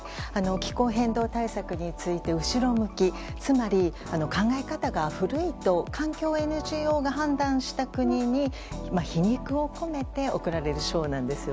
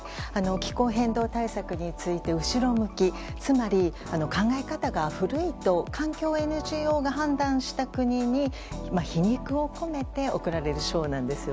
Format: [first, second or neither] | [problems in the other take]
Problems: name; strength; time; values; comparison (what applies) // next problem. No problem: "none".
second | background sound (Brass instrument); 13 dB below the speech